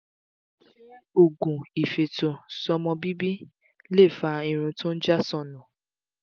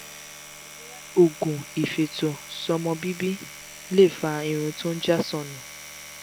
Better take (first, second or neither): first